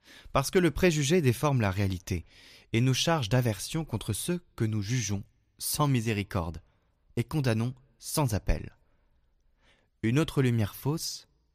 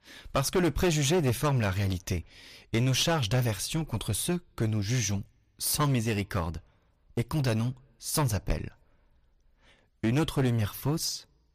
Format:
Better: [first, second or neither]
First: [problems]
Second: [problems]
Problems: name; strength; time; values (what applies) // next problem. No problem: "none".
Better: first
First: none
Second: distortion; heavy; 9% of the sound clipped